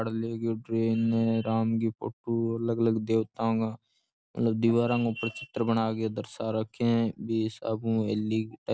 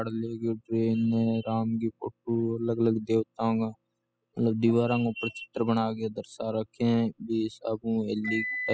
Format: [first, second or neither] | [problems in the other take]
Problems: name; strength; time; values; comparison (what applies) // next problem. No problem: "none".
first | noise reduction (classical method spectral subtraction)